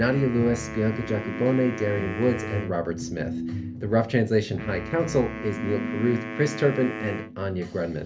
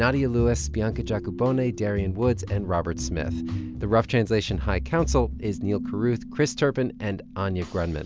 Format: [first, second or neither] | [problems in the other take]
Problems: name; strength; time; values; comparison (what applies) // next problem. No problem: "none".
second | background sound (Wind instrument, woodwind instrument); 12 dB below the speech // room echo; dies away in 0.3 s